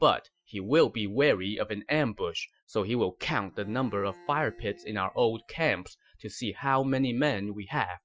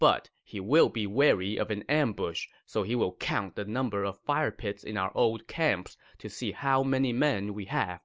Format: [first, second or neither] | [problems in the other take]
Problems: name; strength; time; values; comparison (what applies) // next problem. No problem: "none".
second | noise reduction (classical method Wiener filter)